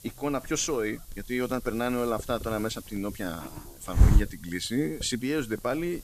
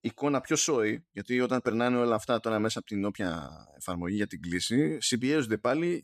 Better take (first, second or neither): second